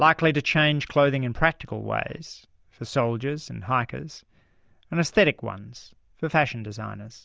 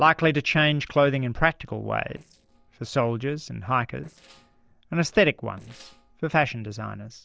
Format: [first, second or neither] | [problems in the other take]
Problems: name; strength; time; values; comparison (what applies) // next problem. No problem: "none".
first | noise reduction (neural separator model SepFormer DNS4)